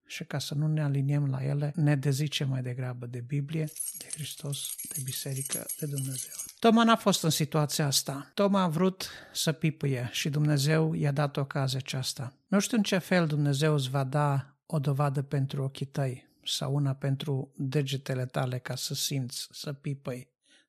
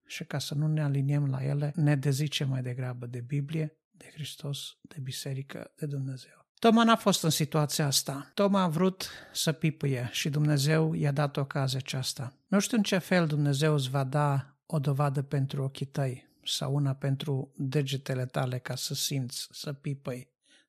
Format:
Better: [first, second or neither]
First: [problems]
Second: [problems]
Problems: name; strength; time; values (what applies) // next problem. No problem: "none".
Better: second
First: jangling keys; noticeable; from 3.5 to 6.5 s; peak 3 dB below the speech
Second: none